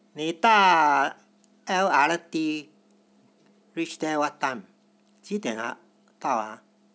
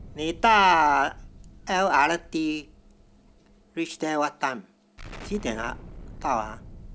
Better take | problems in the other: first | background sound (Explosion); 18 dB below the speech

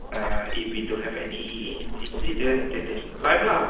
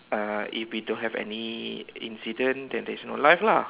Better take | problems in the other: second | noise reduction (neural separator model SepFormer DNS4)

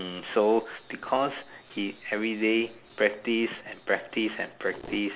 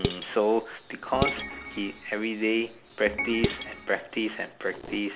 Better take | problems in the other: first | background sound (Dishes, pots, and pans + Organ); 4 dB below the speech

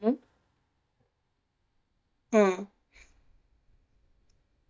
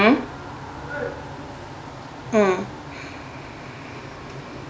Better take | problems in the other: second | noise reduction (neural mask model DeepFilterNet 3)

